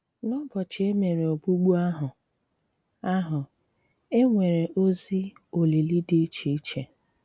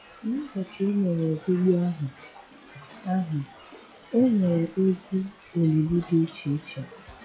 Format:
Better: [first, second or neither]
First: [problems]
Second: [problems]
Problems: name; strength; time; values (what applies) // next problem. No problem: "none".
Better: first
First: none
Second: noise reduction (classical method log-MMSE)